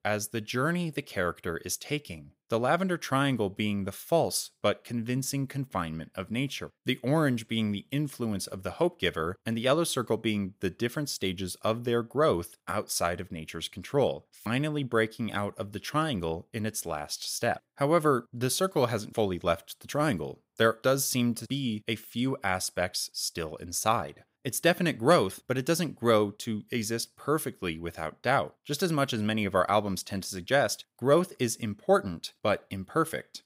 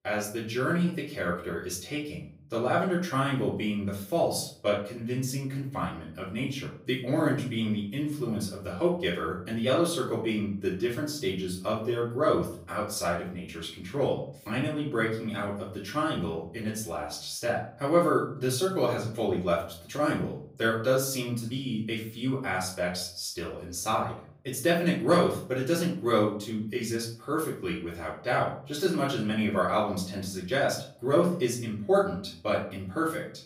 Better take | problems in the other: first | off-mic speech; far // room echo; slight; dies away in 0.5 s

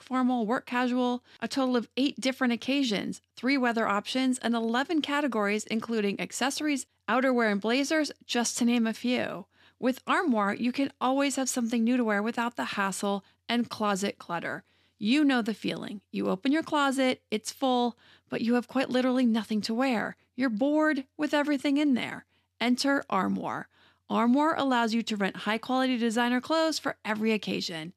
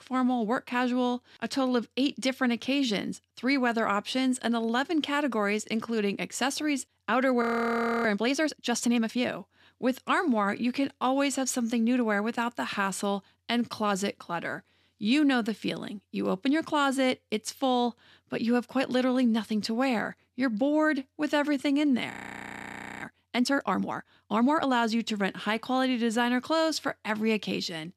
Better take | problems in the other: first | audio freezing; at 7.5 s for 0.5 s and at 22 s for 1 s

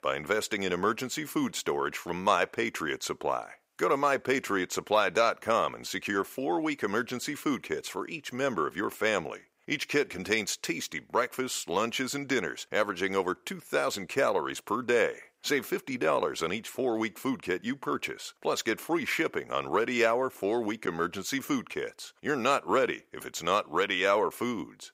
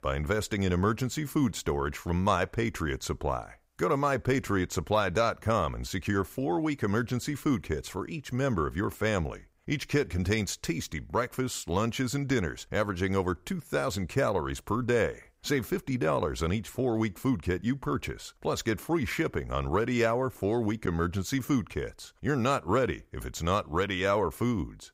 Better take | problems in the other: second | thin; somewhat; fading below 300 Hz

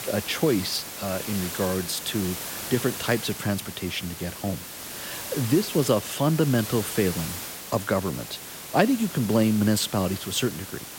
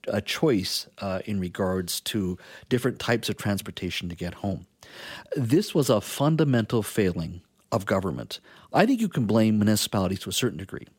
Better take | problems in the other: second | hiss; loud; throughout; 8 dB below the speech

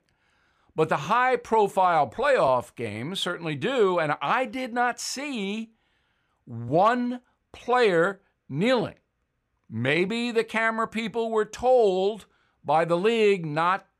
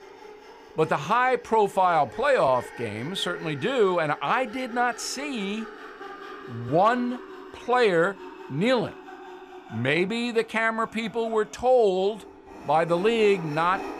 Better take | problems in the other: first | machinery noise; noticeable; throughout; 15 dB below the speech

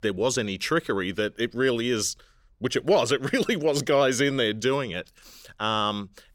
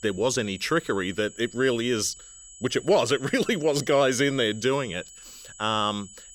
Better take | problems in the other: first | high-pitched whine; noticeable; throughout; 8 kHz, 20 dB below the speech

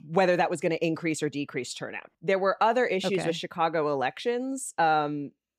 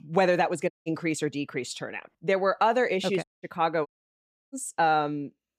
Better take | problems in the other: first | audio cutting out; at 0.5 s, at 3 s and at 4 s for 0.5 s

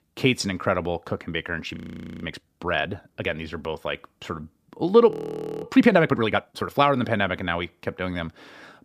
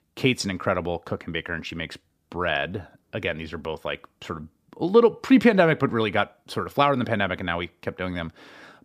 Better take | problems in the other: second | audio freezing; at 2 s and at 5 s for 0.5 s

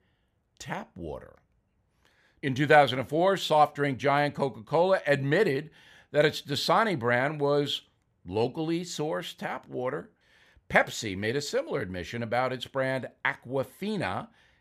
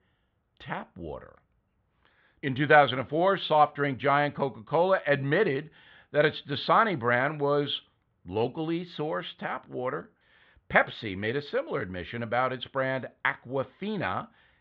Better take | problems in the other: first | muffled; slightly; fading above 3.5 kHz

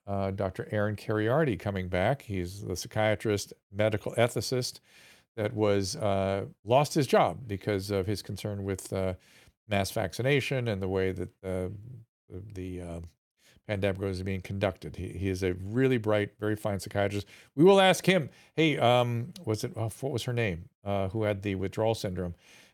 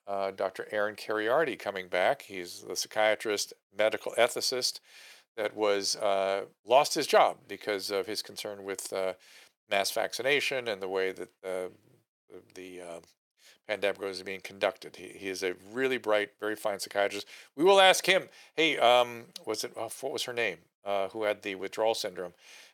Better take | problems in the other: first | thin; very; fading below 500 Hz

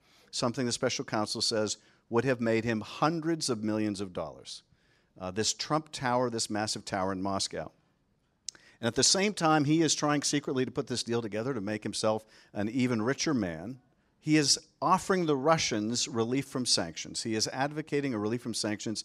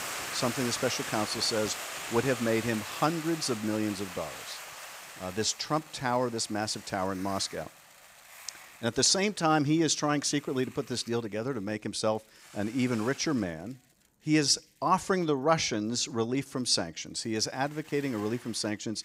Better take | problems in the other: first | hiss; noticeable; throughout; 10 dB below the speech

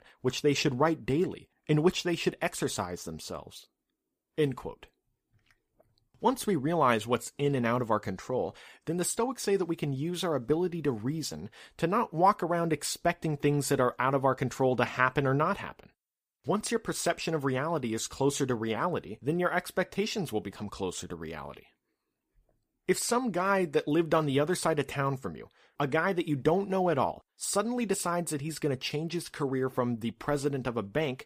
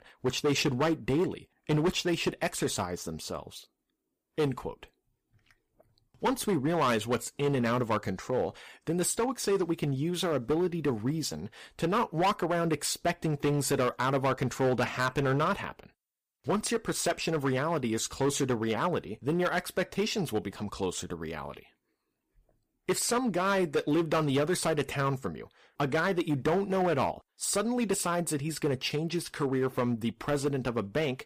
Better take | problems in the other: first | distortion; slight; 7% of the sound clipped

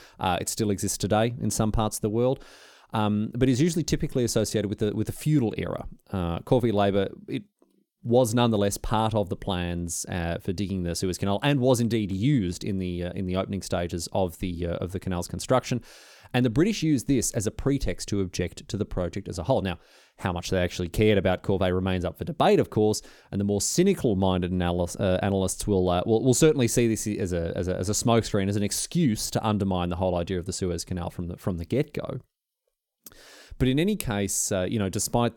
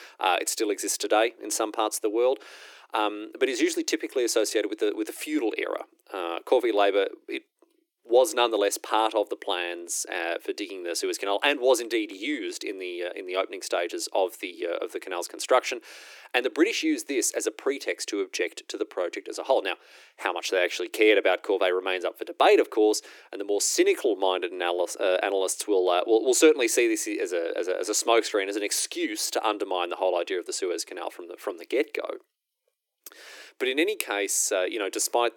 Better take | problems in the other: first | thin; very; fading below 300 Hz

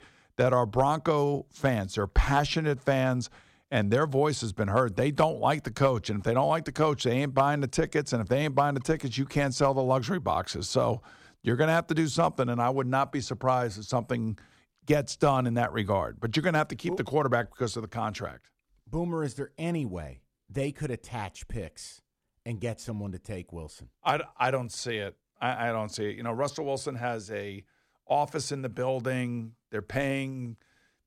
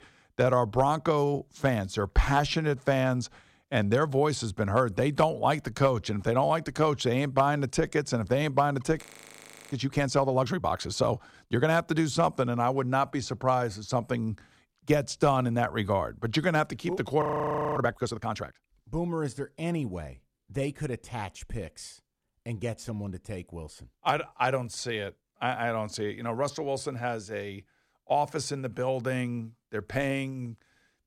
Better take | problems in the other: first | audio freezing; at 9 s for 0.5 s and at 17 s for 0.5 s

